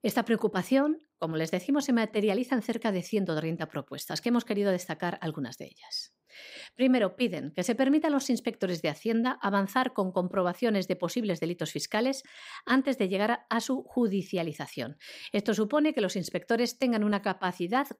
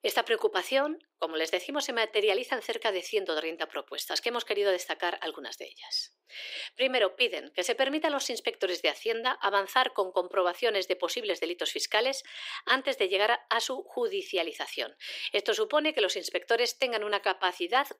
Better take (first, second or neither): first